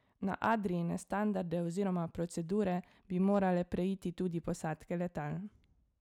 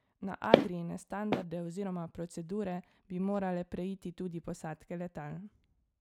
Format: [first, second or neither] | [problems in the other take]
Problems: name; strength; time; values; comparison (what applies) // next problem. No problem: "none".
first | background sound (Walk, footsteps); 4 dB above the speech